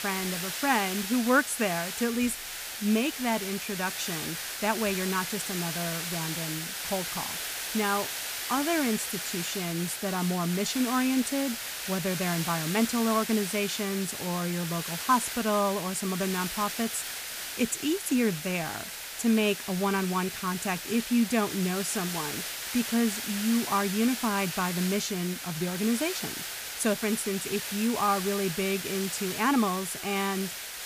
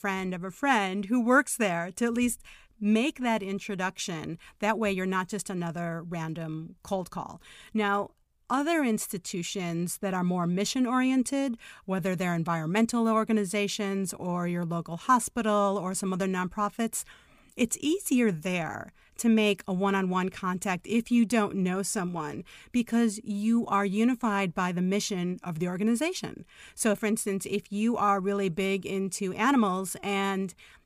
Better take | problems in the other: second | hiss; loud; throughout; 4 dB below the speech

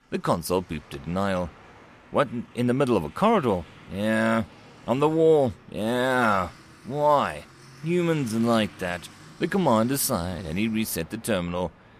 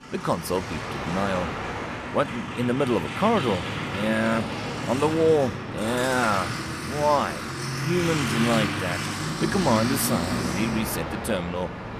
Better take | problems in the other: first | train or aircraft noise; loud; throughout; 4 dB below the speech; faint in the first

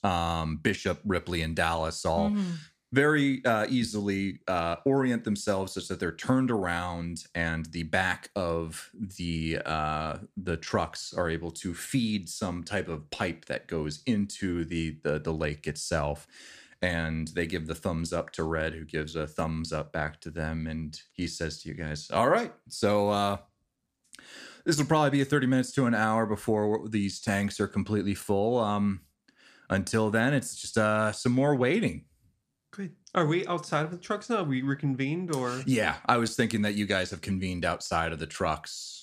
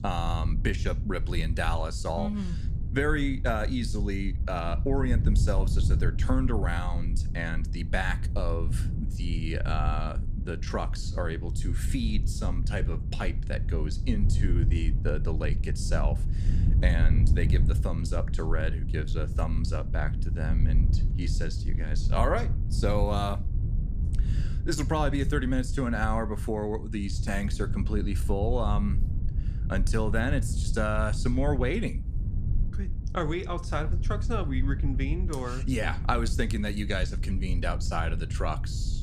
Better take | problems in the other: first | low rumble; noticeable; throughout; 10 dB below the speech

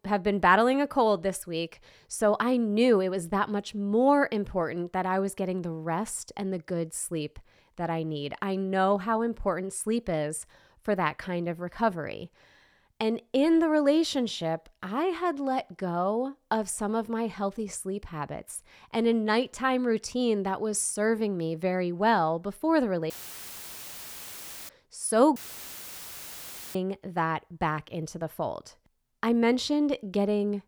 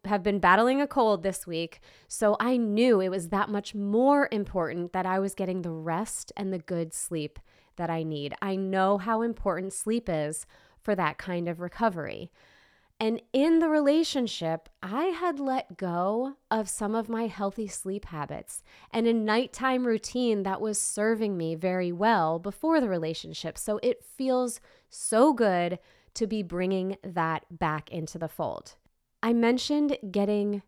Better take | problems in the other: second | audio cutting out; filled with static; at 23 s for 1.5 s and at 25 s for 1.5 s

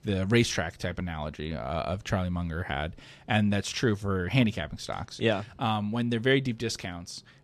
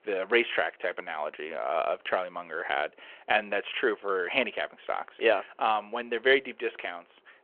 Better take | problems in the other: first | phone-call audio

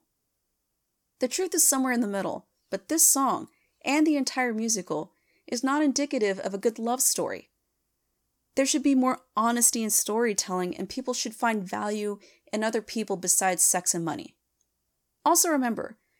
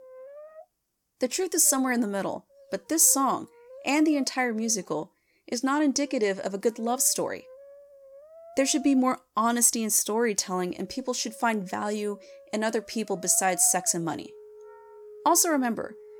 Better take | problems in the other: first | background music; faint; throughout; 25 dB below the speech

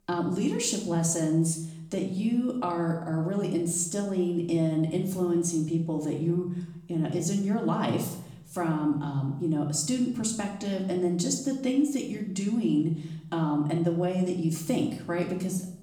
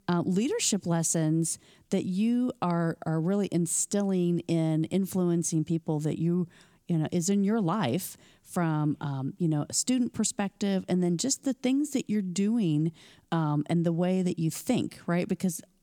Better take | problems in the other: second | room echo; slight; dies away in 0.7 s // off-mic speech; far

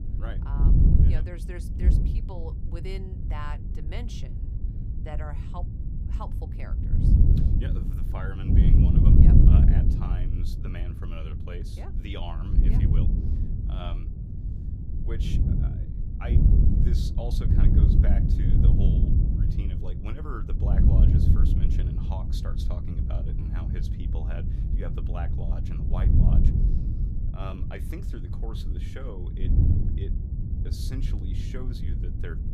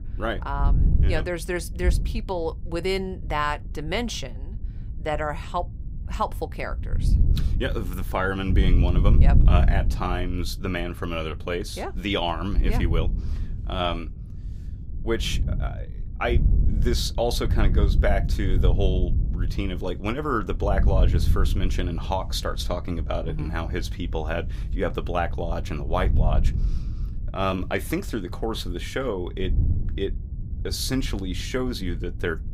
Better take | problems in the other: second | wind noise on the microphone; heavy; 4 dB above the speech; occasional gusts in the second

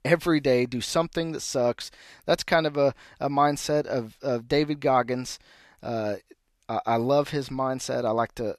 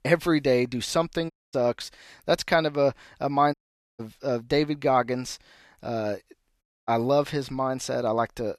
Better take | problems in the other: first | audio cutting out; at 1.5 s, at 3.5 s and at 6.5 s

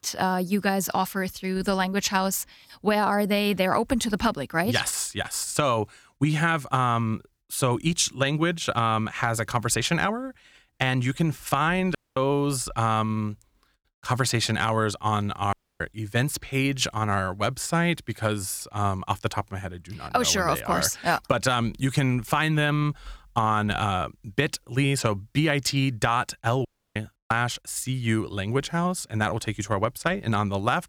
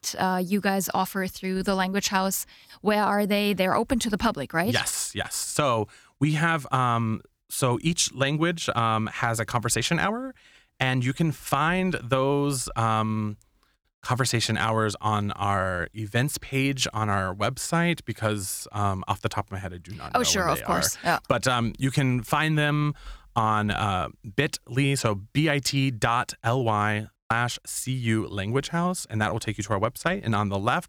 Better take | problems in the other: second | audio cutting out; at 12 s, at 16 s and at 27 s

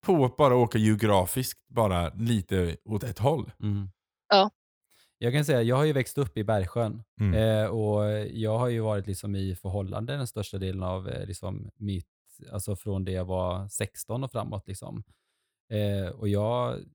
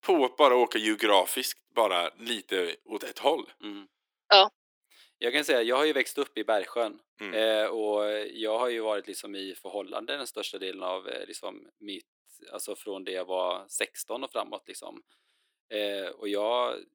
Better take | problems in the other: first | thin; very; fading below 300 Hz

